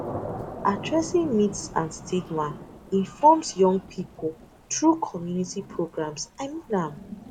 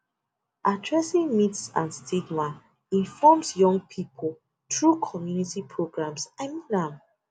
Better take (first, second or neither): second